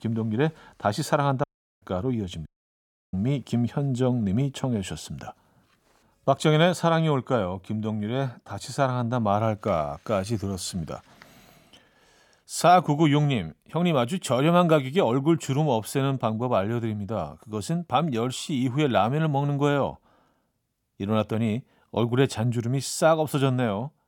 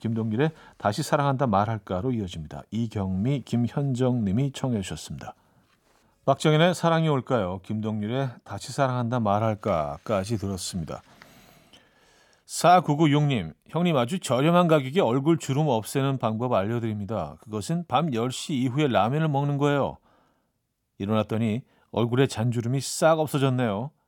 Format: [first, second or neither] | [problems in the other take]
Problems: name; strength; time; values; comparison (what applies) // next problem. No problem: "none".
second | audio cutting out; at 1.5 s and at 2.5 s for 0.5 s